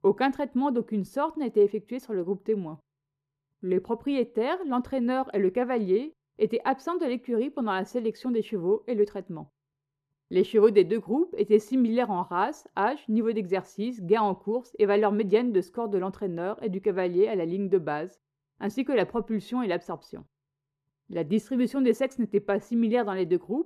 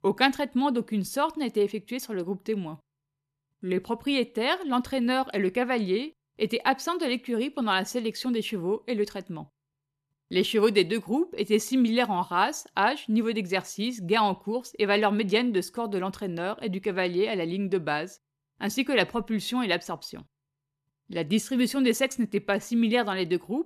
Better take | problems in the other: second | muffled; slightly; fading above 2 kHz

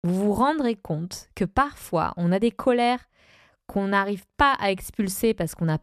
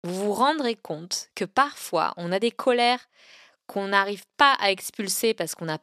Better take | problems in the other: first | thin; somewhat; fading below 300 Hz

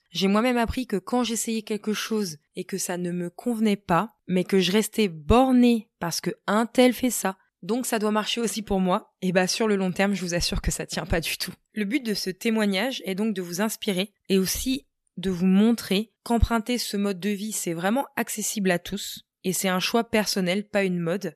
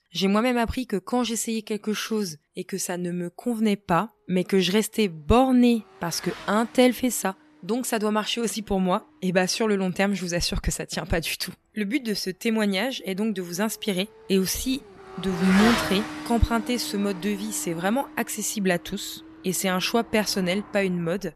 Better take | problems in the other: first | traffic noise; loud; throughout; 9 dB below the speech

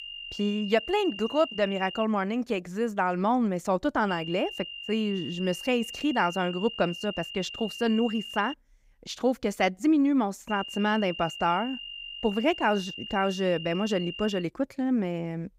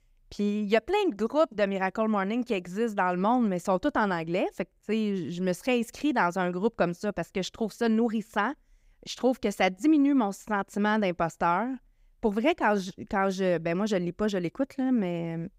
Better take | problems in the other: second | high-pitched whine; loud; until 2 s, from 4 to 8.5 s and from 10 to 14 s; 3 kHz, 10 dB below the speech

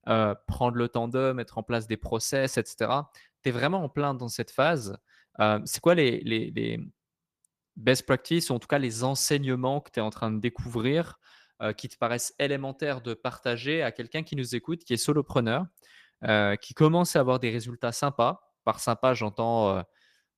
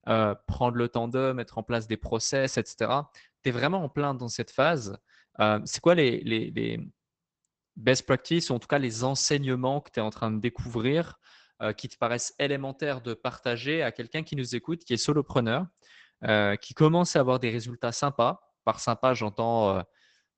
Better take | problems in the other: first | garbled, watery; badly; nothing above 8 kHz; slightly in the first

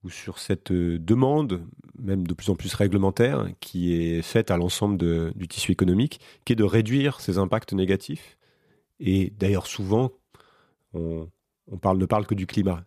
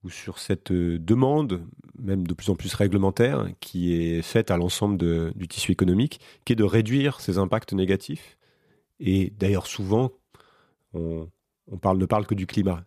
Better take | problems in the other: neither | none

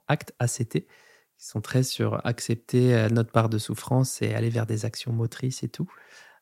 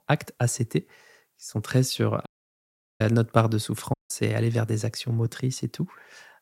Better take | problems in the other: first | audio cutting out; at 2.5 s for 0.5 s and at 4 s

